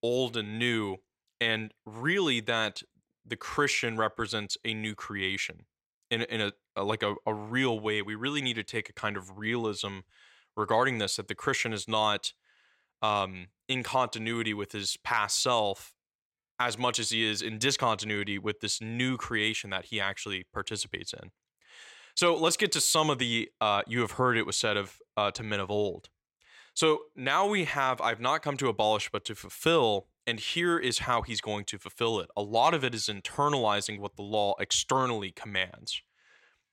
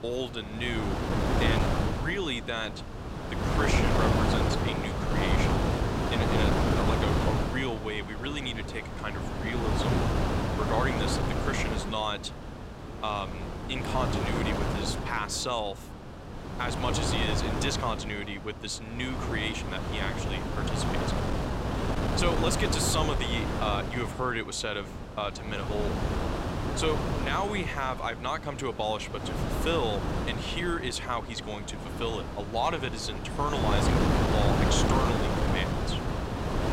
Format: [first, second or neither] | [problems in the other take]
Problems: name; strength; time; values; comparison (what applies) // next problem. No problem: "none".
first | wind noise on the microphone; heavy; 1 dB below the speech